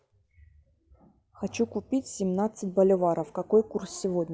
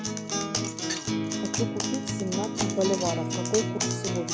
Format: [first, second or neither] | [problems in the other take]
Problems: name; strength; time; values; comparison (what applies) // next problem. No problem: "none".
first | background sound (Acoustic guitar); 3 dB above the speech